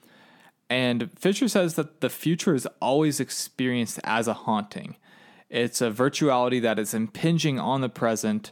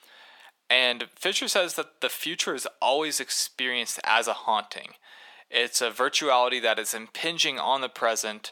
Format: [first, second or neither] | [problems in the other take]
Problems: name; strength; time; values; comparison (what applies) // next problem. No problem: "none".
first | thin; very; fading below 700 Hz